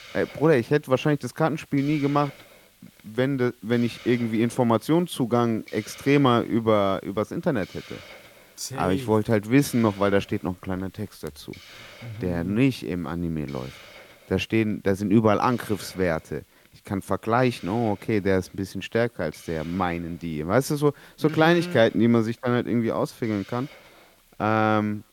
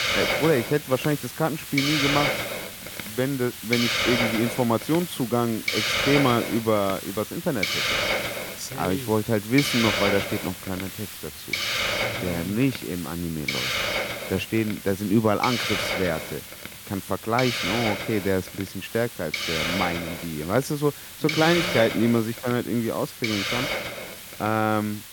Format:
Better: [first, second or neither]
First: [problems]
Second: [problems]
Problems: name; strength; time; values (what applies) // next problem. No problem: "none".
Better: first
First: hiss; faint; throughout; 25 dB below the speech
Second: hiss; loud; throughout; 2 dB below the speech